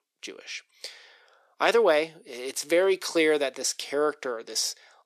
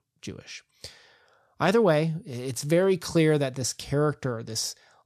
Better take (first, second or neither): second